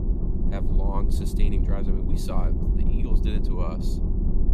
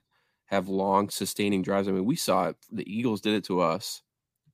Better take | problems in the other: second | low rumble; loud; throughout; 1 dB below the speech

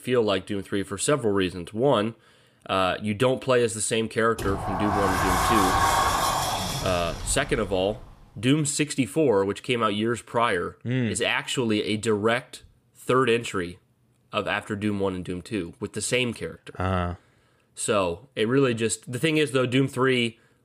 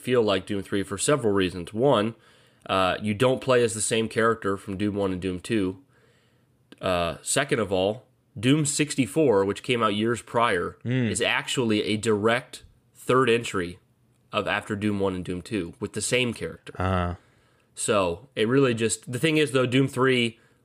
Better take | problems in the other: second | door banging; loud; from 4.5 to 8 s; peak 4 dB above the speech

